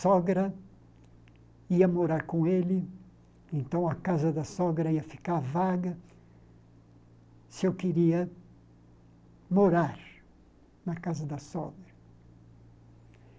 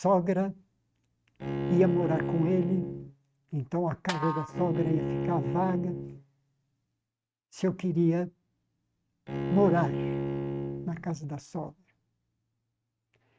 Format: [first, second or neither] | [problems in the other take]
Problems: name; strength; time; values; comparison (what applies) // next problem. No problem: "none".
first | noise reduction (neural mask model RNNoise)